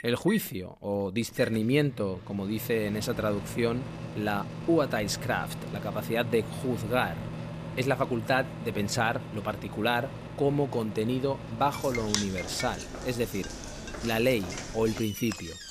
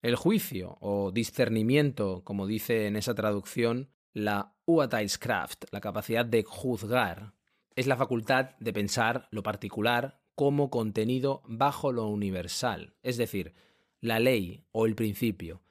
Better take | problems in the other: second | household noises; loud; throughout; 9 dB below the speech

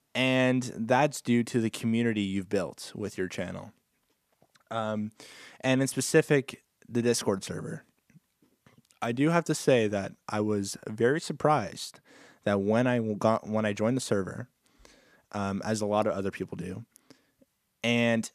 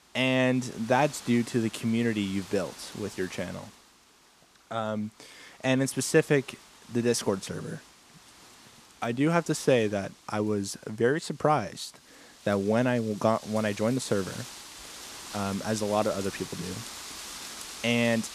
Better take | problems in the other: first | wind noise on the microphone; occasional gusts; 15 dB below the speech

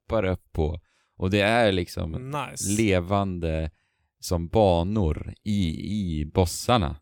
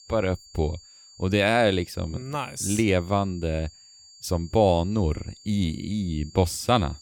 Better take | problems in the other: first | high-pitched whine; faint; throughout; 4.5 kHz, 20 dB below the speech

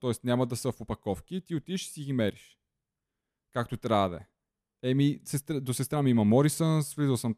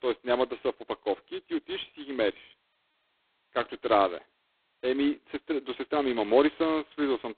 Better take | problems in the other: first | phone-call audio; poor line; nothing above 4 kHz

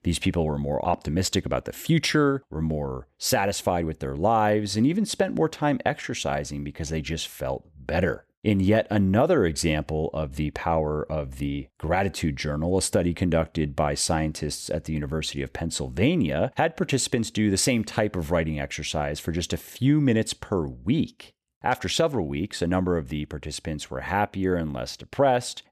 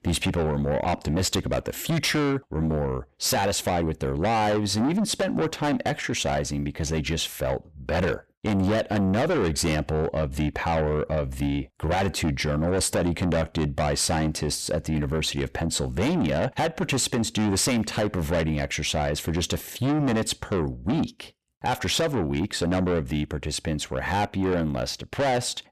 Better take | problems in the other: first | distortion; heavy; 7 dB below the speech

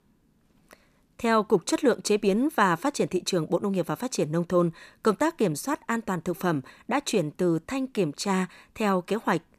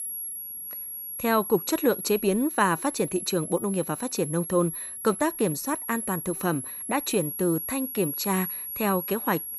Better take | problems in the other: first | high-pitched whine; loud; throughout; 11.5 kHz, 6 dB below the speech

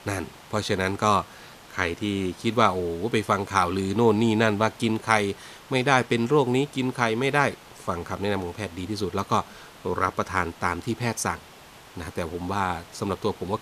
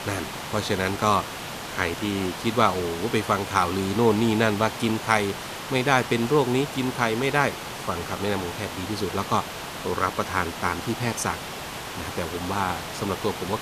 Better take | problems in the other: first | hiss; loud; throughout; 8 dB below the speech; faint in the first

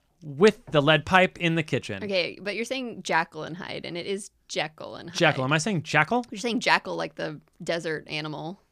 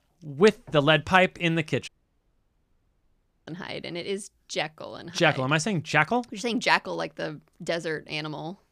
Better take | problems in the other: first | audio cutting out; at 2 s for 1.5 s

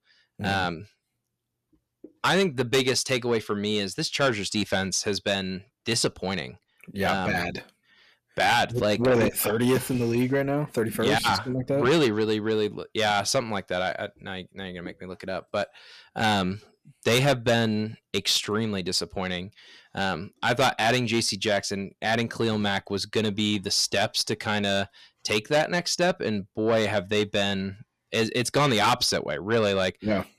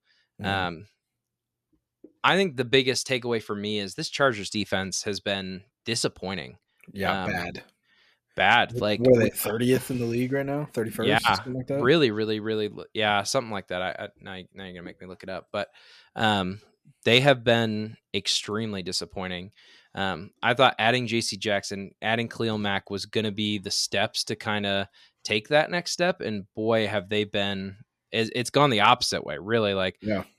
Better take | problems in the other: second | distortion; heavy; 7 dB below the speech

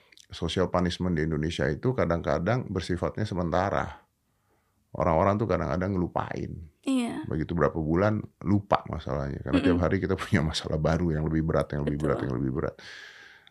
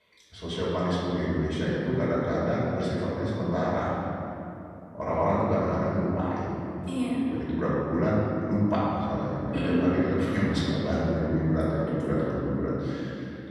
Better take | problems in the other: first | off-mic speech; far // room echo; strong; dies away in 3 s

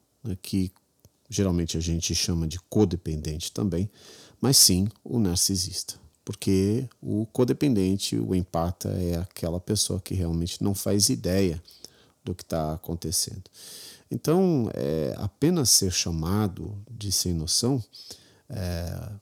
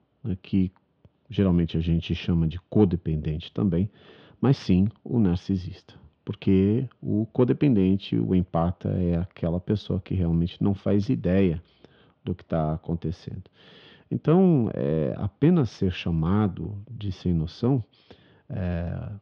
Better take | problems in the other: first | muffled; very; fading above 3 kHz

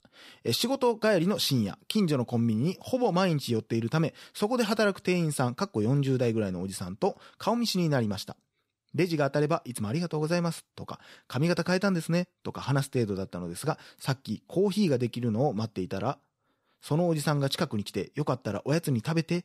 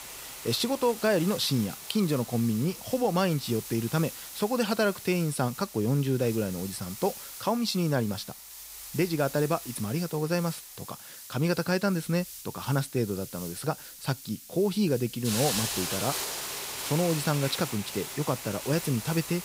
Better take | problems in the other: first | hiss; loud; throughout; 8 dB below the speech

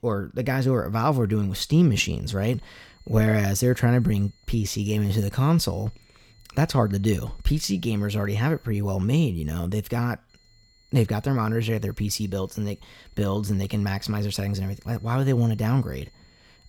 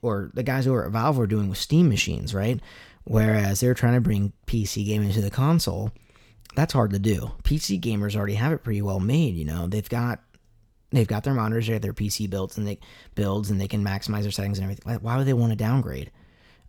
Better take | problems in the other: second | high-pitched whine; faint; from 2.5 to 8.5 s and from 10 s on; 4 kHz, 35 dB below the speech

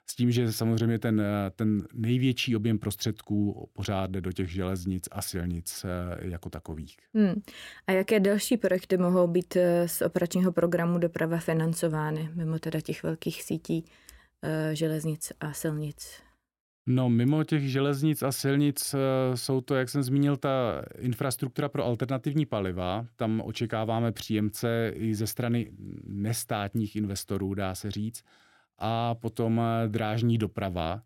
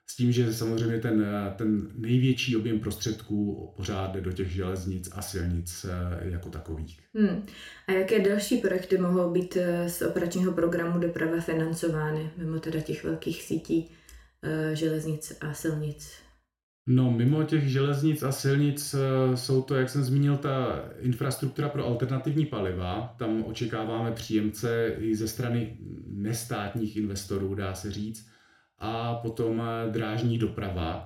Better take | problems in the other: first | room echo; slight; dies away in 0.4 s // off-mic speech; somewhat distant

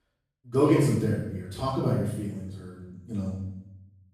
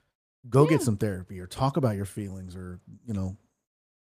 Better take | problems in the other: second | off-mic speech; far // room echo; noticeable; dies away in 0.8 s

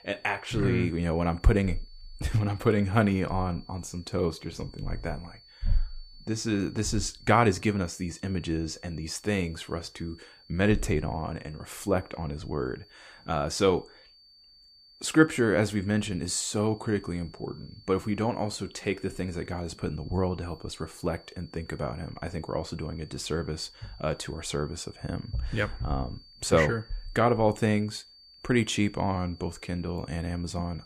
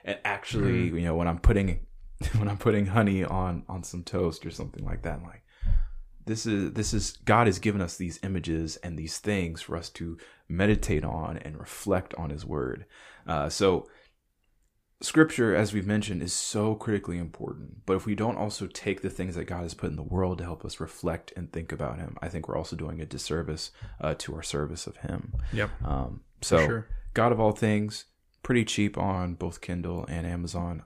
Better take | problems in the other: second | high-pitched whine; faint; throughout; 4.5 kHz, 25 dB below the speech

